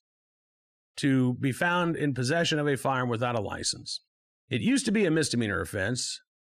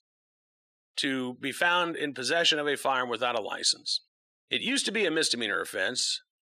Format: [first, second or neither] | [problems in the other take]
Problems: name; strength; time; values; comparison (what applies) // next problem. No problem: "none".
first | thin; somewhat; fading below 400 Hz